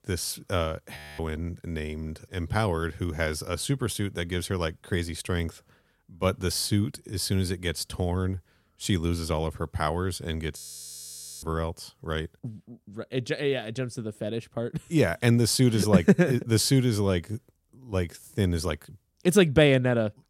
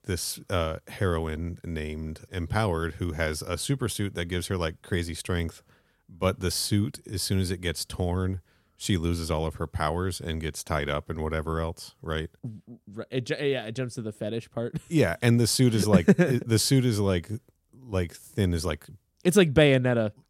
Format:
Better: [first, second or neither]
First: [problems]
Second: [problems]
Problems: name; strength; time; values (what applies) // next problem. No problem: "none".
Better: second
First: audio freezing; at 1 s and at 11 s for 1 s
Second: none